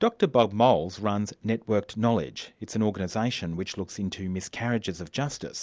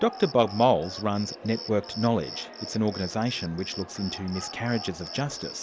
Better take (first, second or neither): first